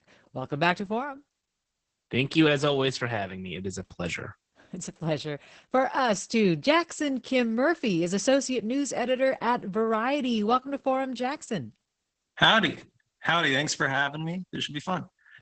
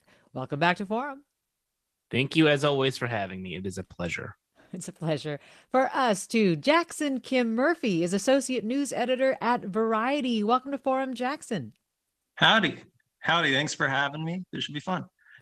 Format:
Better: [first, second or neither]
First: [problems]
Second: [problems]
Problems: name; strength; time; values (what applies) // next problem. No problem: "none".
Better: second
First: garbled, watery; badly; nothing above 8 kHz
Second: garbled, watery; slightly; nothing above 13 kHz